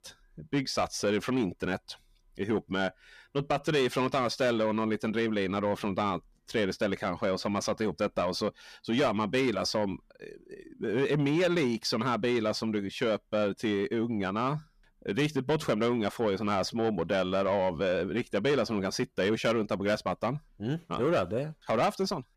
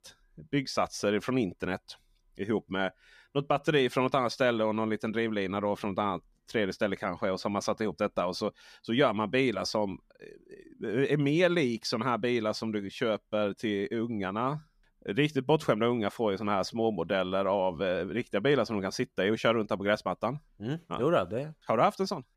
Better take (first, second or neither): second